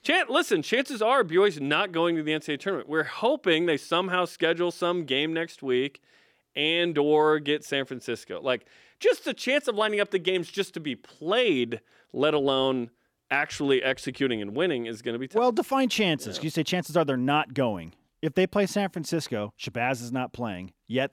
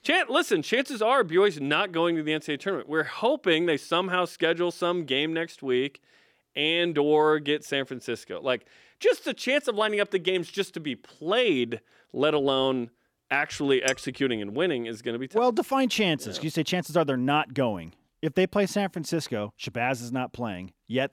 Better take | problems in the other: first | clattering dishes; very faint; at 14 s; peak 9 dB below the speech

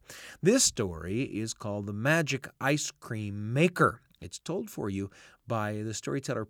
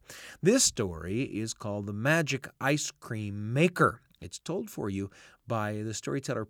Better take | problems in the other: neither | none

